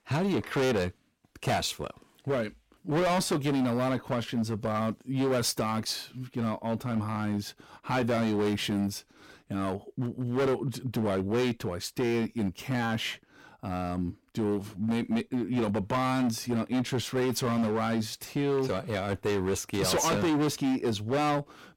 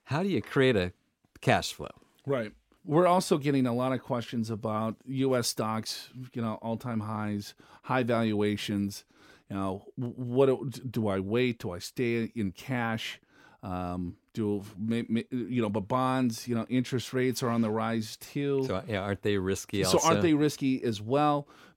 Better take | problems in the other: second | distortion; heavy; 14% of the sound clipped

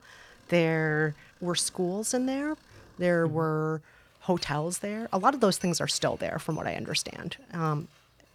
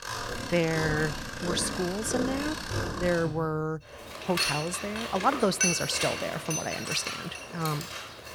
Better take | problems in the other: first | machinery noise; loud; throughout; 2 dB below the speech; faint in the first

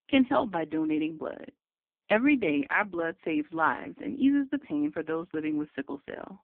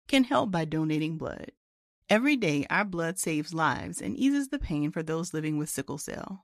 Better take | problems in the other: second | phone-call audio; poor line

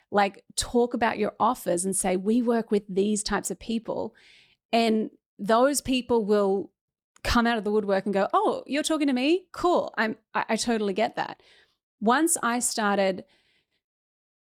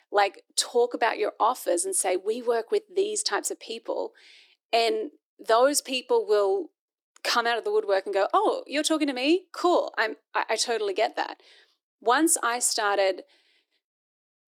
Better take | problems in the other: first | thin; somewhat; fading below 300 Hz

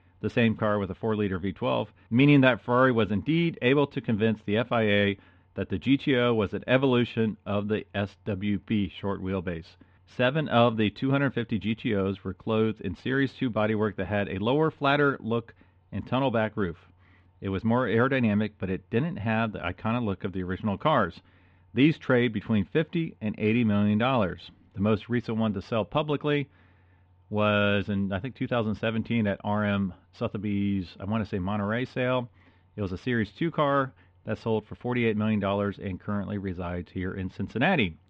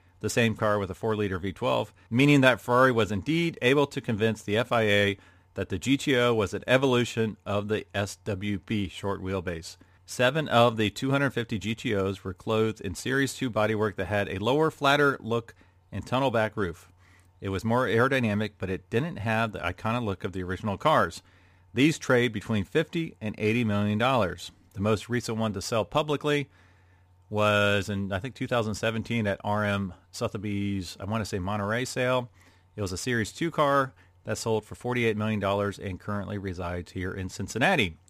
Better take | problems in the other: second | muffled; slightly; fading above 3.5 kHz

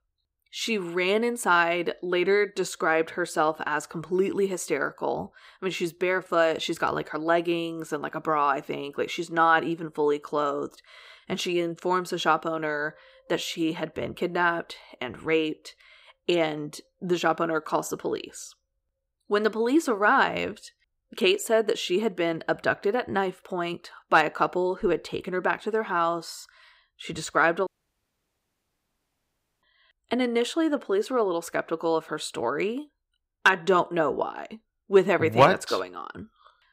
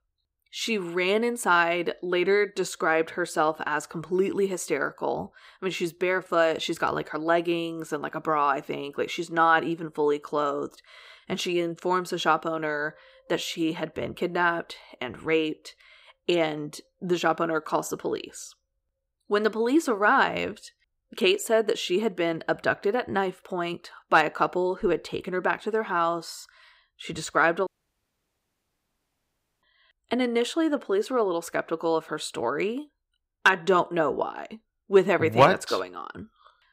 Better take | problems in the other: neither | audio cutting out; at 28 s for 2 s; the same in both

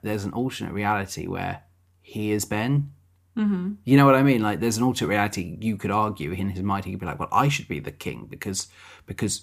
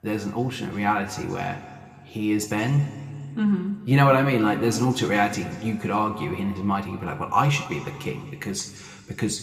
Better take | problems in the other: first | room echo; slight; dies away in 1.8 s

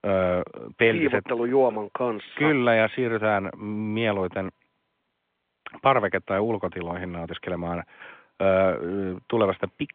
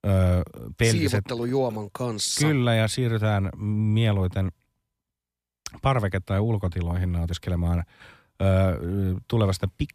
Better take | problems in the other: second | phone-call audio; nothing above 3.5 kHz

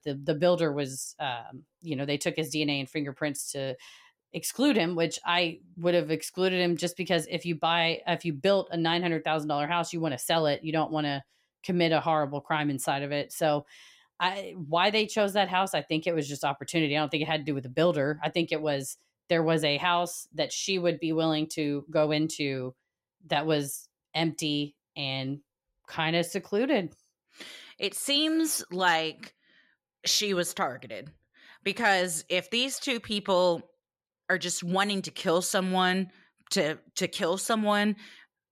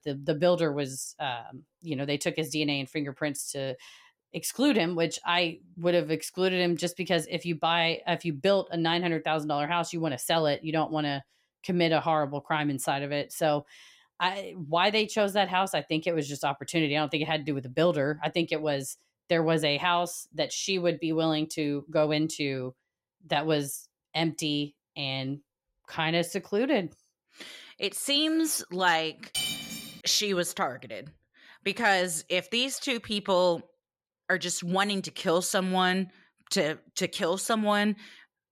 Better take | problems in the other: first | clattering dishes; noticeable; at 29 s; peak 2 dB below the speech

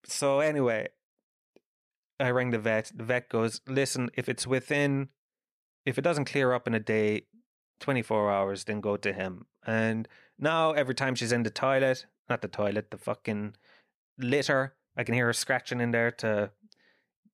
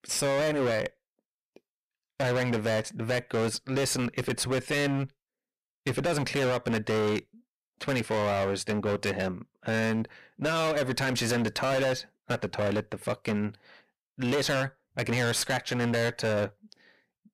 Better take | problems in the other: first | distortion; heavy; 22% of the sound clipped

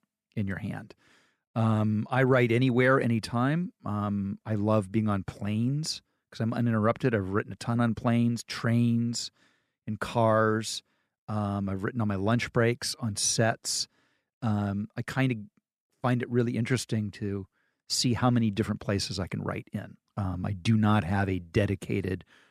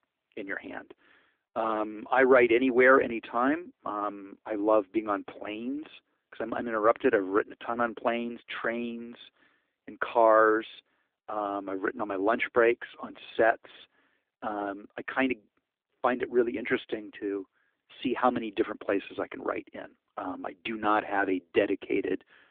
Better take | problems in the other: first | phone-call audio

